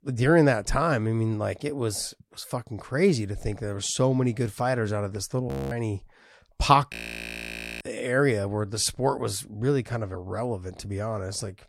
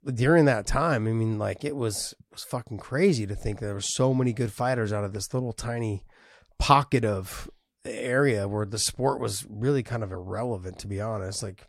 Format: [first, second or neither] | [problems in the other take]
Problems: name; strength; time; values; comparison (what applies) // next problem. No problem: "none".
second | audio freezing; at 5.5 s and at 7 s for 1 s